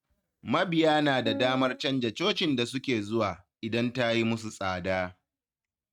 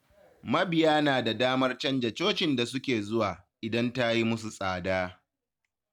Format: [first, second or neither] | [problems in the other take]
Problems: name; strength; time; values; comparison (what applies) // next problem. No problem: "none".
second | noise reduction (neural mask model RNNoise)